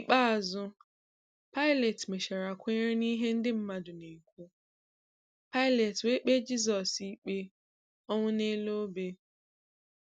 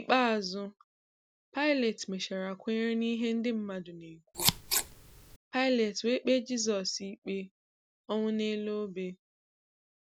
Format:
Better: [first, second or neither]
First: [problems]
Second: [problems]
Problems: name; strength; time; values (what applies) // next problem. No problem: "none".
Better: first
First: none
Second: background sound (Scissors); as loud as the speech